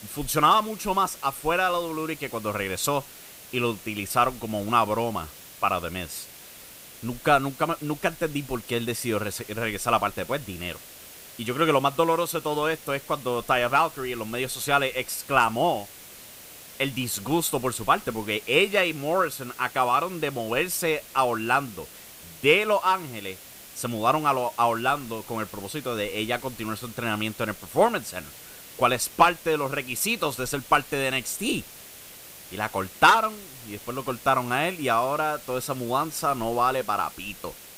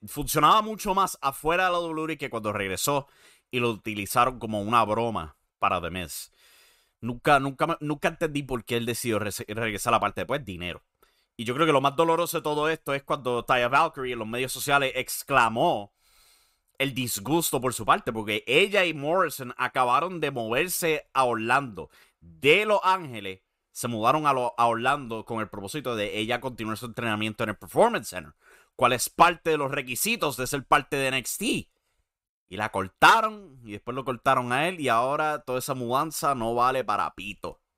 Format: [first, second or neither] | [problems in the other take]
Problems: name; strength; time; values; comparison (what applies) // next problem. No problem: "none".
second | hiss; noticeable; throughout; 15 dB below the speech